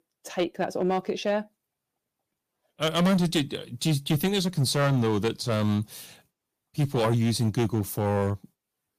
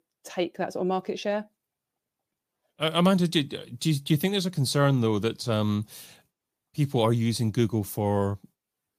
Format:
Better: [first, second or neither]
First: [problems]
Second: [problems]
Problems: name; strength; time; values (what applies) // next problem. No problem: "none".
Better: second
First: distortion; slight; 6% of the sound clipped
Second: none